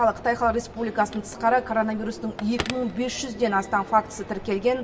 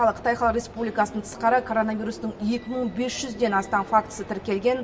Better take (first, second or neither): second